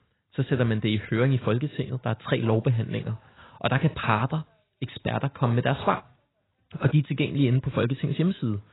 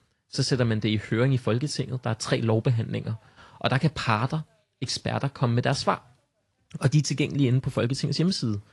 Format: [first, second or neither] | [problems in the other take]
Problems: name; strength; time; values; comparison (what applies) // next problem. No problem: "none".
second | garbled, watery; badly; nothing above 4 kHz; slightly in the second